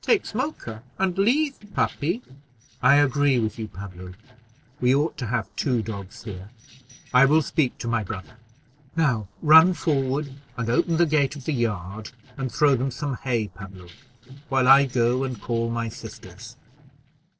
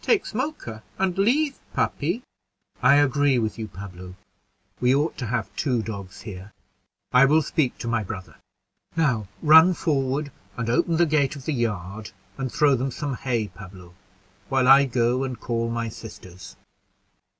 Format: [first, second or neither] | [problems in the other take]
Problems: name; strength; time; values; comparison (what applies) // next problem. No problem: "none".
second | noise reduction (neural separator model SepFormer DNS4)